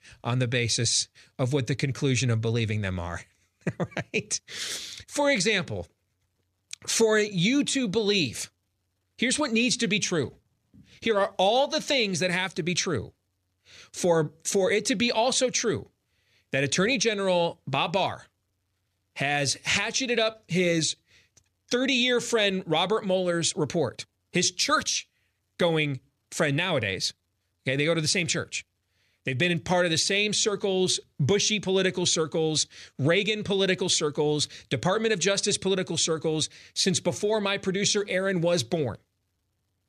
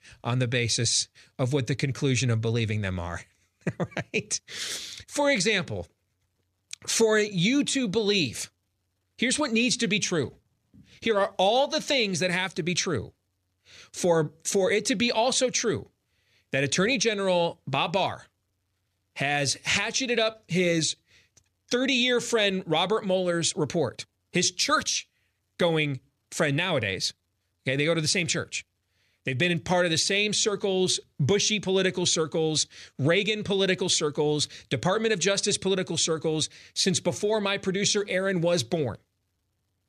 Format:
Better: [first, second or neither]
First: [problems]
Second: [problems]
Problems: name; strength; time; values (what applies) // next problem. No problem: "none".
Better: neither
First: none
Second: none